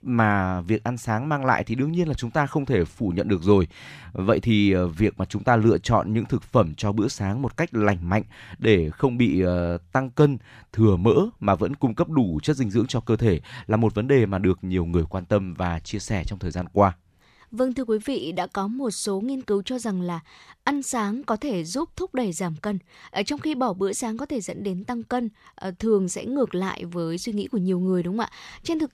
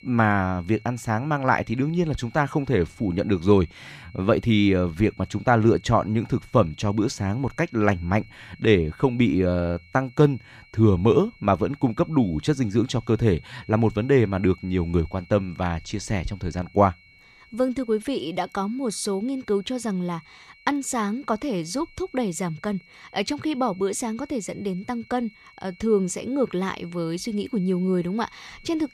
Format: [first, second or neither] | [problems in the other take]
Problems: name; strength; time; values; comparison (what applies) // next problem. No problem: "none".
first | high-pitched whine; faint; throughout; 2 kHz, 25 dB below the speech